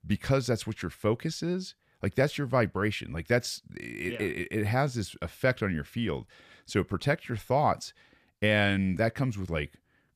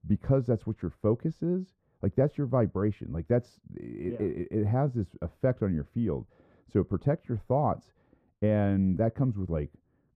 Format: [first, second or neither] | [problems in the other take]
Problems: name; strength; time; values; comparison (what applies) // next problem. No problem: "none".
first | muffled; very; fading above 1.5 kHz